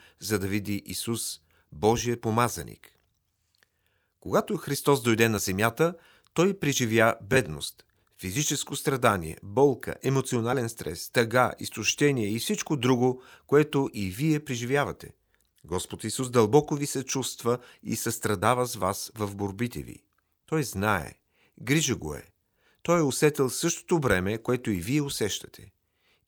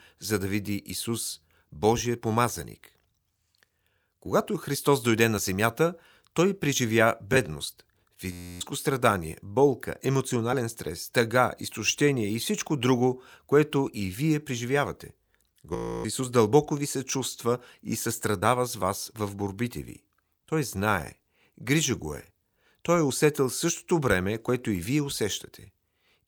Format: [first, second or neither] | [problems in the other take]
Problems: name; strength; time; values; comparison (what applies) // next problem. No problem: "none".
first | audio freezing; at 8.5 s and at 16 s